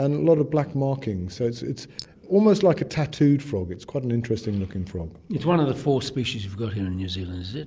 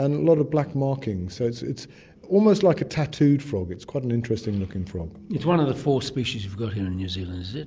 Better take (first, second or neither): second